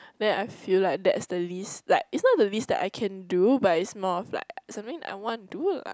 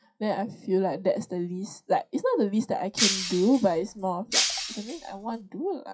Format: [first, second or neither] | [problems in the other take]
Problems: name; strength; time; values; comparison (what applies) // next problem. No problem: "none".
first | noise reduction (classical method WPE with log-MMSE)